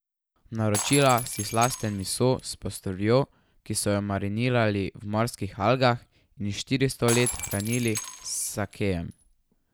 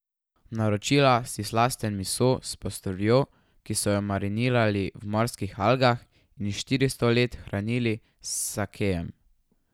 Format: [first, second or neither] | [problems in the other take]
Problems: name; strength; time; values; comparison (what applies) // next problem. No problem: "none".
second | background sound (Shatter); 9 dB below the speech